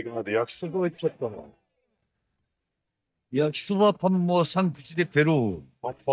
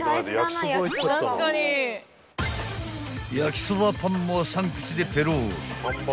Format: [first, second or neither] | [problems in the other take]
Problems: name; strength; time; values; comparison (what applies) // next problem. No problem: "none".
second | noise reduction (neural mask model DeepFilterNet 3)